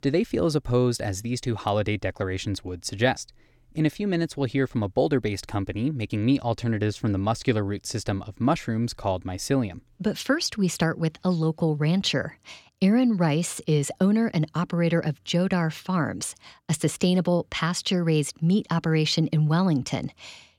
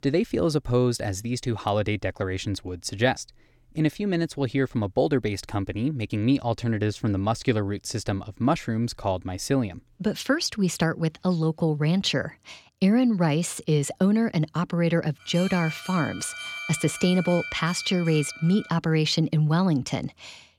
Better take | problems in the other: first | alarm; noticeable; from 15 to 19 s; peak 7 dB below the speech

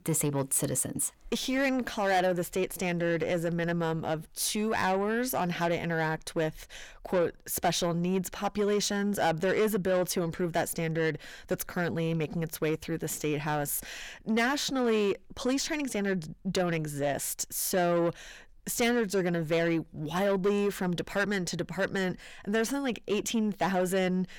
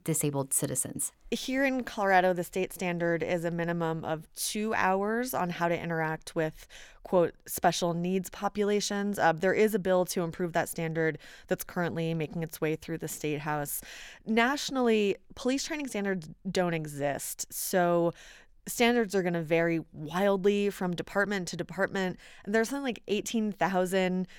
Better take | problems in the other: second | distortion; slight; 10 dB below the speech

